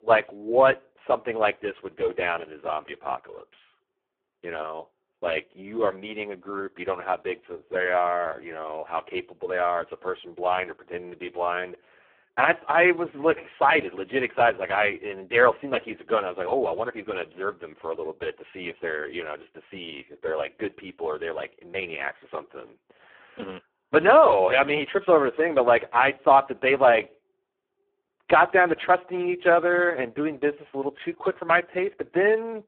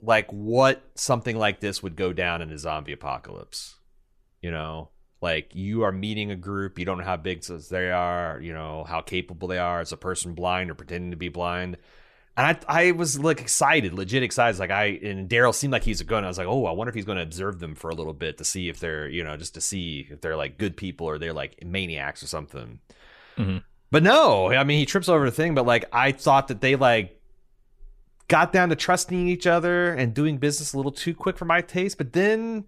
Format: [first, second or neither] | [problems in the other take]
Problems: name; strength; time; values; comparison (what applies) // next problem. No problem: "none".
second | phone-call audio; poor line